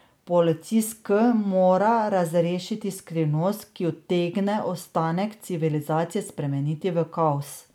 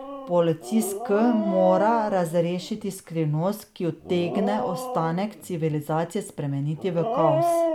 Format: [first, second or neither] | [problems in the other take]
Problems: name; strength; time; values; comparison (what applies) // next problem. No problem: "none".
first | background sound (Dog); 5 dB below the speech